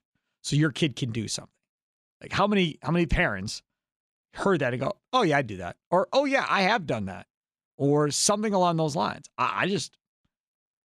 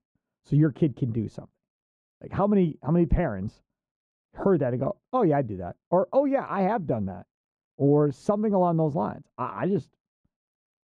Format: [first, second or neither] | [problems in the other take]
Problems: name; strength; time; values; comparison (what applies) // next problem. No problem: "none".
first | muffled; very; fading above 1.5 kHz